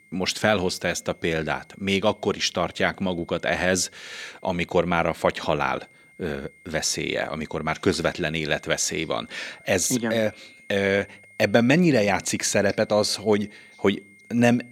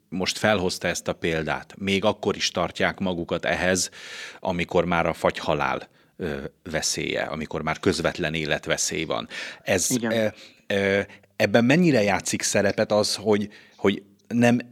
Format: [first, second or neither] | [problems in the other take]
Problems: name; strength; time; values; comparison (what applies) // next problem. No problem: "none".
second | high-pitched whine; faint; throughout; 2 kHz, 25 dB below the speech